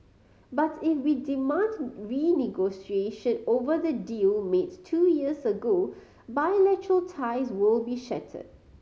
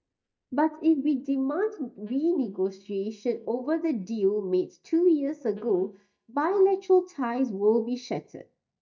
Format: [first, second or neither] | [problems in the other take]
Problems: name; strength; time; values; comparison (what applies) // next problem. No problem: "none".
first | noise reduction (neural mask model DeepFilterNet 3)